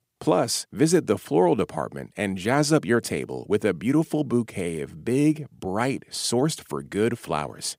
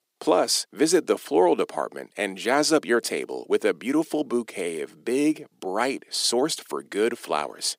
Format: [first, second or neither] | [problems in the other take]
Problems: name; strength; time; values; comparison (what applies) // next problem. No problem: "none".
first | thin; very slightly; fading below 300 Hz